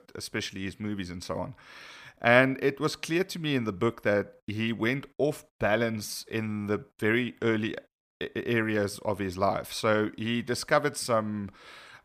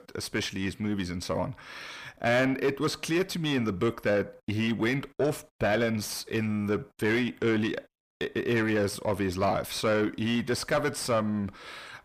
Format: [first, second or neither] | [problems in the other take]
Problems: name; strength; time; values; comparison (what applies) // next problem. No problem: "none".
first | distortion; heavy; 8 dB below the speech